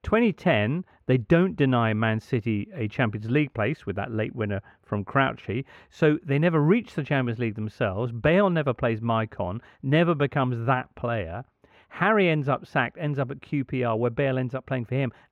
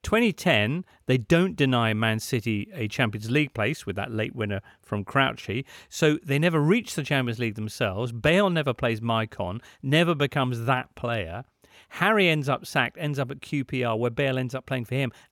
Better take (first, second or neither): second